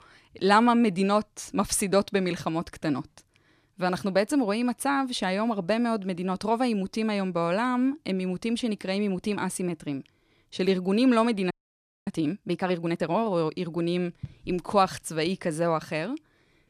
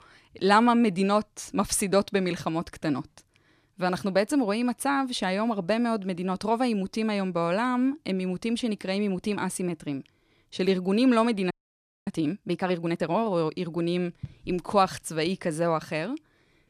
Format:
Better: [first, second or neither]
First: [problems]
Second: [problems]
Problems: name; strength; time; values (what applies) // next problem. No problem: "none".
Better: neither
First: audio freezing; at 12 s for 0.5 s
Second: audio freezing; at 12 s for 0.5 s